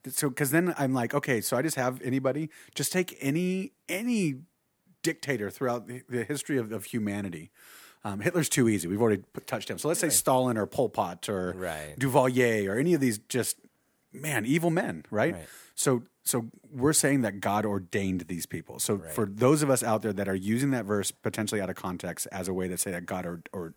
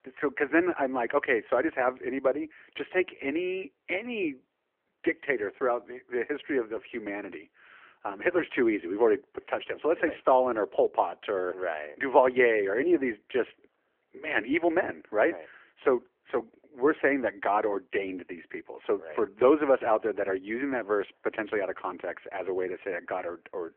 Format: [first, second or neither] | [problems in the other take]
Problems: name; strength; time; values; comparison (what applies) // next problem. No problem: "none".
first | phone-call audio